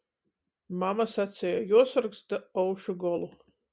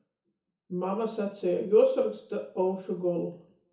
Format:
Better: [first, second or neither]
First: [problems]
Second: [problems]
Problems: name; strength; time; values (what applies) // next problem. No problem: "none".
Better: first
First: none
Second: room echo; dies away in 0.6 s